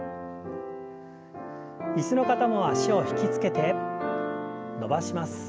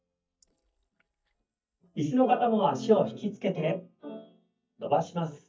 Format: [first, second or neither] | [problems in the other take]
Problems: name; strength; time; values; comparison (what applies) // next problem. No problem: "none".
first | noise reduction (neural mask model DeepFilterNet 3)